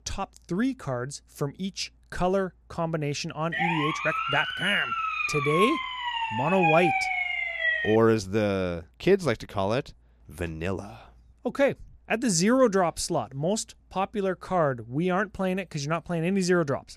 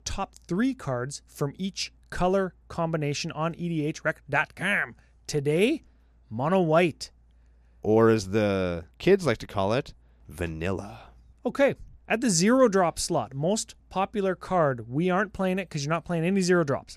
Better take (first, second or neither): second